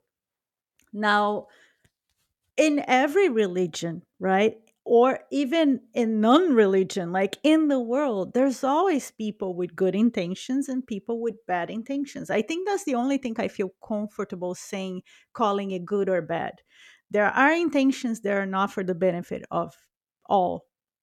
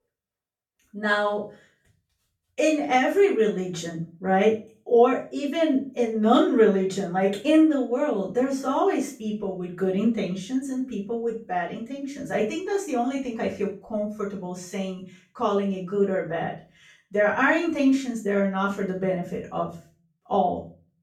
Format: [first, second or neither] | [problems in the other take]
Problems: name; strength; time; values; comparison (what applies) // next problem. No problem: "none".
first | off-mic speech; far // room echo; slight; dies away in 0.4 s